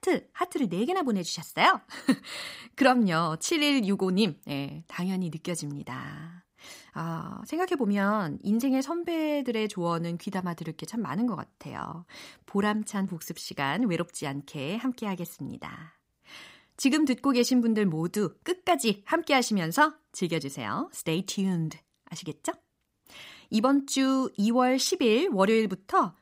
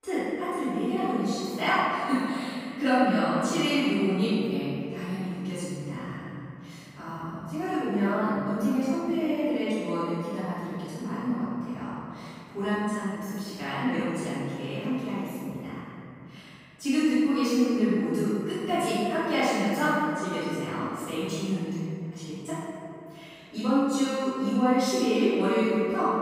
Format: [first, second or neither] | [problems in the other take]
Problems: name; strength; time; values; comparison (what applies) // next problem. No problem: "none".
first | off-mic speech; far // room echo; strong; dies away in 2.6 s